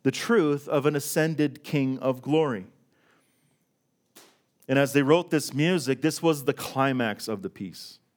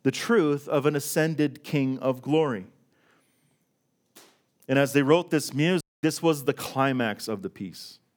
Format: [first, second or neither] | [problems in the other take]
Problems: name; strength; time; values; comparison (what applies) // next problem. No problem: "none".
first | audio cutting out; at 6 s